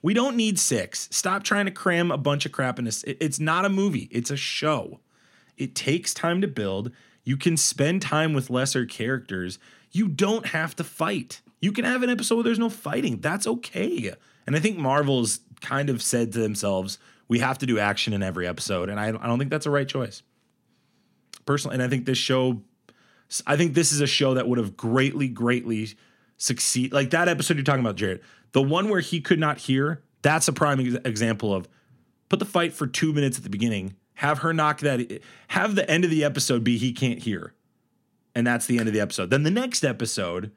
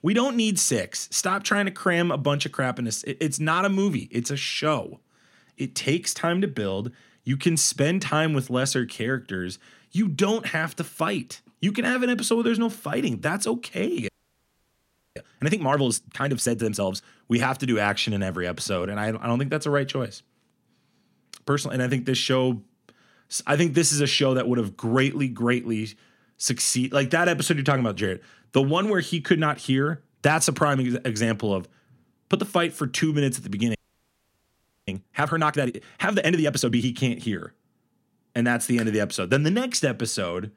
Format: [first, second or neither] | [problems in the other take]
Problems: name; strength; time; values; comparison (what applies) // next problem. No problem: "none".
first | audio freezing; at 14 s for 1 s and at 34 s for 1 s